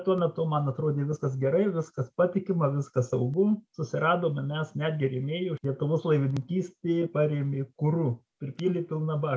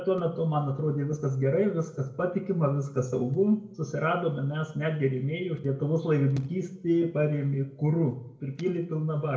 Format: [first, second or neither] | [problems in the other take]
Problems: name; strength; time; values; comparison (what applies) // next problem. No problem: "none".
first | room echo; dies away in 0.5 s